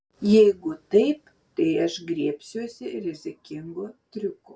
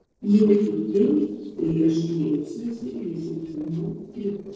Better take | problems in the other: first | noise reduction (neural separator model SepFormer DNS4)

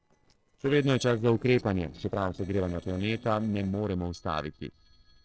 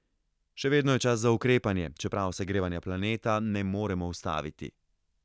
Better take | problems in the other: second | noise reduction (neural separator model SepFormer DNS4)

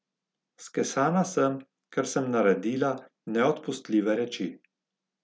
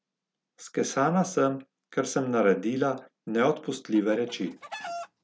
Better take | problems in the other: first | background sound (Chicken, rooster); 13 dB below the speech

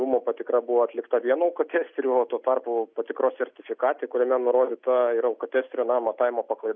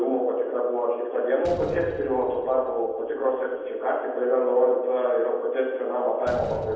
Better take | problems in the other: first | background sound (Slam); 19 dB below the speech // room echo; dies away in 1.1 s

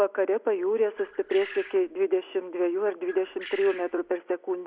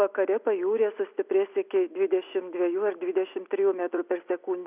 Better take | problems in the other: second | background sound (Bird); 16 dB below the speech

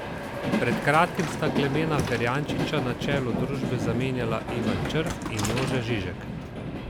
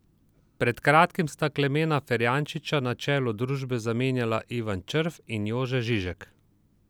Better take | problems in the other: second | background sound (Train); 1 dB below the speech

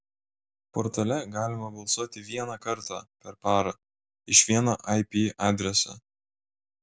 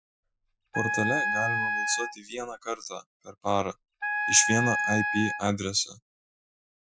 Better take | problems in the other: first | noise reduction (classical method Wiener filter)

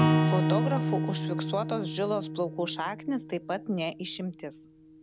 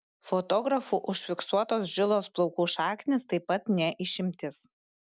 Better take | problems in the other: second | background sound (Acoustic guitar / Strum); 3 dB above the speech

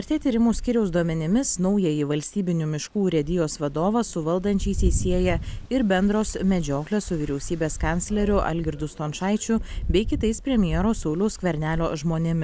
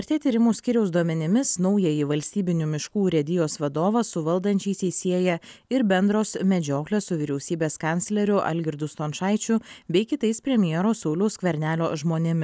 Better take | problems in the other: second | background sound (Rain); 8 dB below the speech

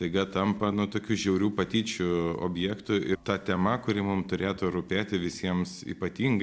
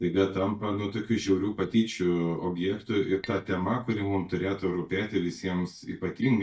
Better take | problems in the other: first | noise reduction (neural mask model DeepFilterNet 3)

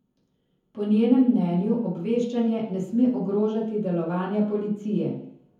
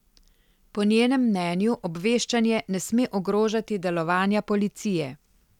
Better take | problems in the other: second | room echo; dies away in 0.7 s

